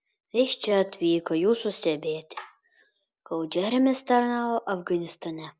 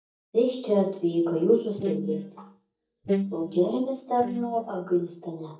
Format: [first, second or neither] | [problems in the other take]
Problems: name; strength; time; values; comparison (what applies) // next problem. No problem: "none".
first | noise reduction (neural mask model DeepFilterNet 3)